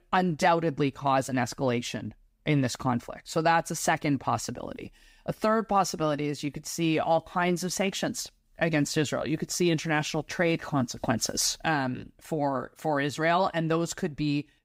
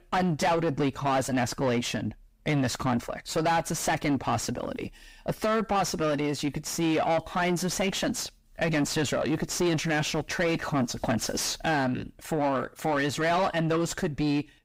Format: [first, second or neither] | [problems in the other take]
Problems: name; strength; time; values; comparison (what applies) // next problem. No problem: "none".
first | distortion; heavy; 6 dB below the speech